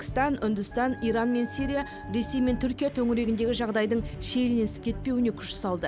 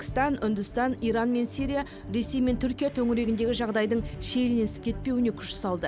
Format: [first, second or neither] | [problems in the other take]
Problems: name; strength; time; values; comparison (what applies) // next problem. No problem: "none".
second | background sound (Wind instrument, woodwind instrument); 18 dB below the speech